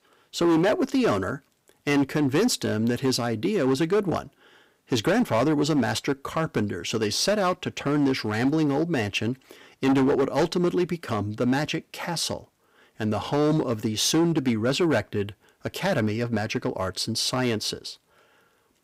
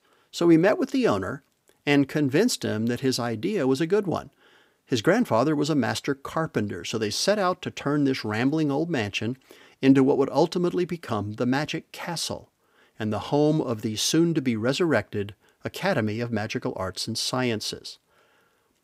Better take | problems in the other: second | distortion; slight; 7% of the sound clipped

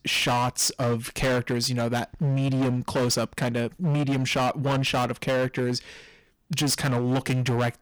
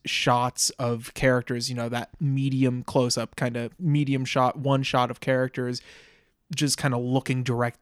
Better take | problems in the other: second | distortion; heavy; 21% of the sound clipped

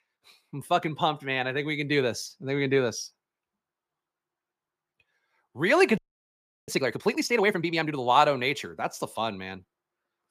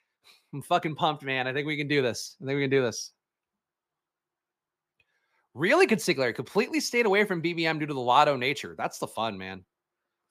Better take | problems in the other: second | audio freezing; at 6 s for 0.5 s

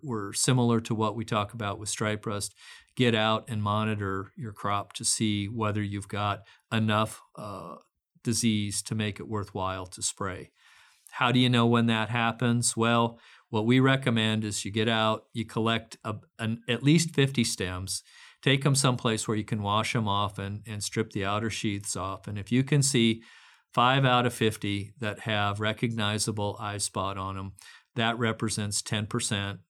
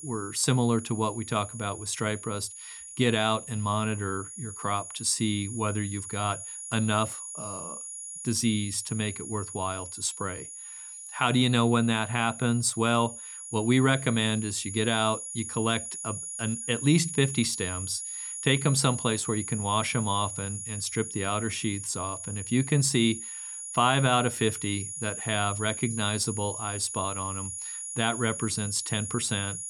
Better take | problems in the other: first | high-pitched whine; loud; throughout; 10.5 kHz, 8 dB below the speech

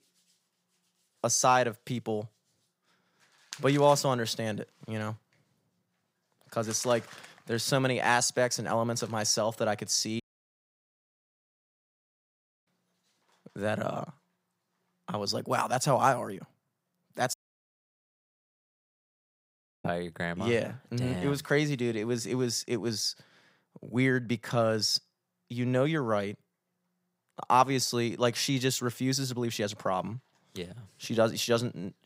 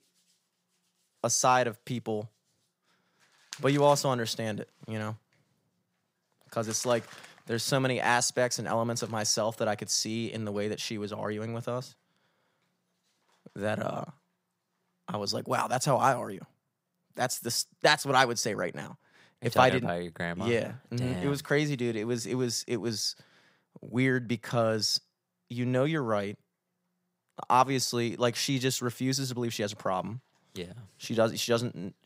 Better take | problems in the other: second | audio cutting out; at 10 s for 2.5 s and at 17 s for 2.5 s

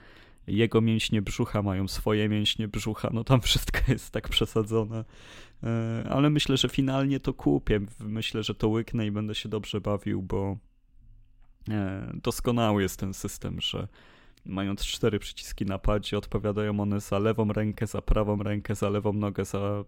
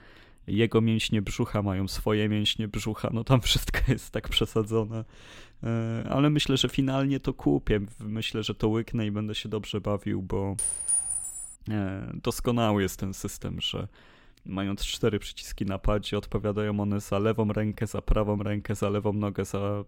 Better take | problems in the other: first | clattering dishes; loud; at 11 s; peak 4 dB above the speech

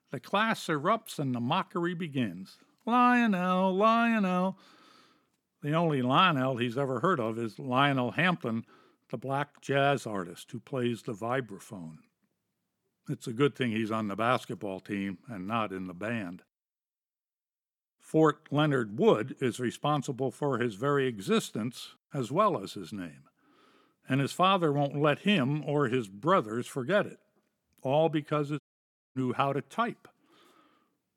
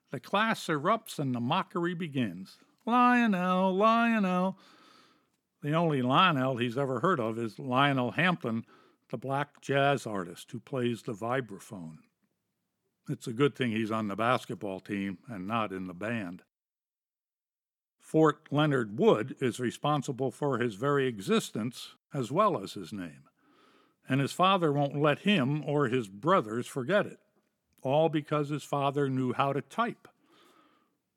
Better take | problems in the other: second | audio cutting out; at 29 s for 0.5 s

